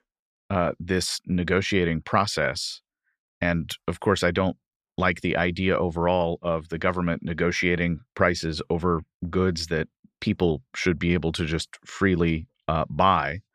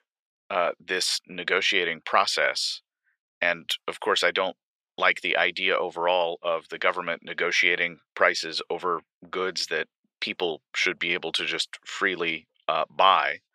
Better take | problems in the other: first | thin; very; fading below 550 Hz

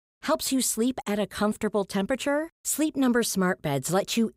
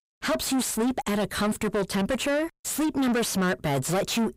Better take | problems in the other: first | distortion; heavy; 7 dB below the speech

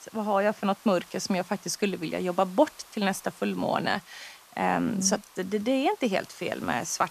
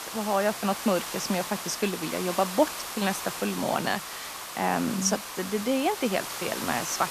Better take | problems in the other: first | hiss; loud; throughout; 6 dB below the speech; faint in the first

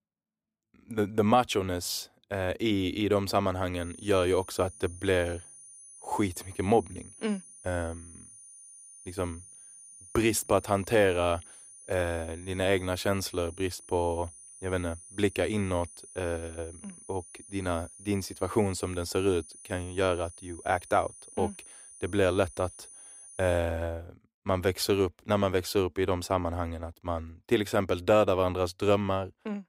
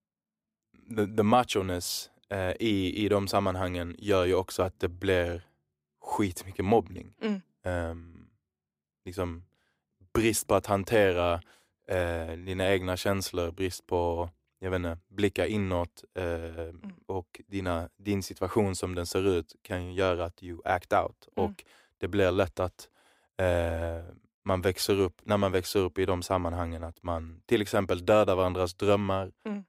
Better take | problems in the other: second | high-pitched whine; noticeable; from 4 to 24 s; 9.5 kHz, 20 dB below the speech

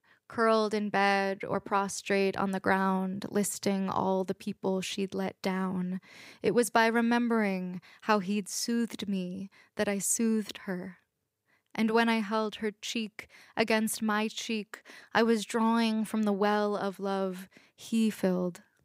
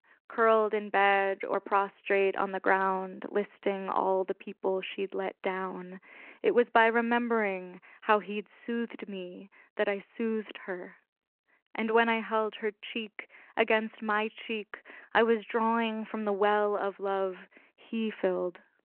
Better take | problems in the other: first | phone-call audio

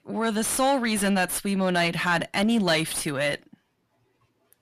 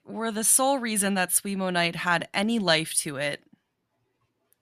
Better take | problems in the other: second | distortion; heavy; 5 dB below the speech

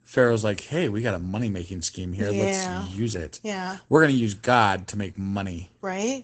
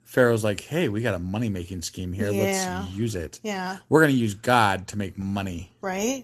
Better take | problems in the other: second | garbled, watery; badly; nothing above 8 kHz; slightly in the second

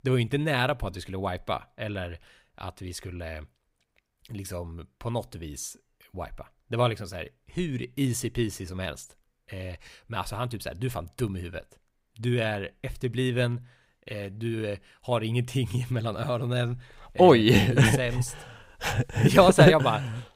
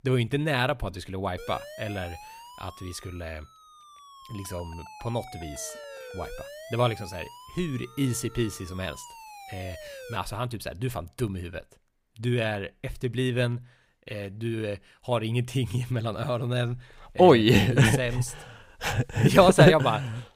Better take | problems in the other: first | siren; faint; from 1.5 to 10 s; peak 15 dB below the speech

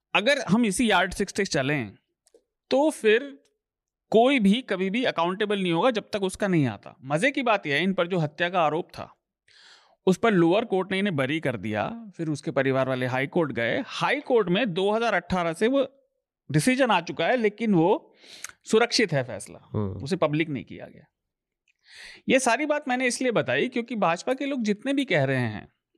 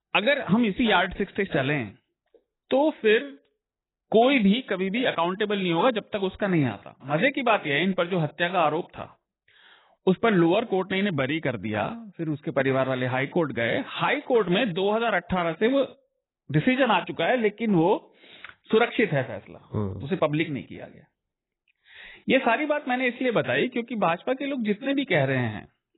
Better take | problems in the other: first | garbled, watery; badly; nothing above 4 kHz

